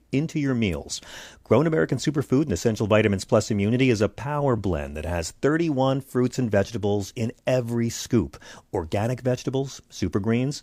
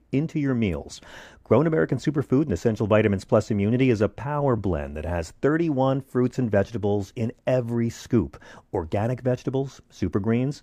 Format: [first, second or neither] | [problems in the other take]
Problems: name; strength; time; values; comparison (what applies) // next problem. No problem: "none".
first | muffled; slightly; fading above 2.5 kHz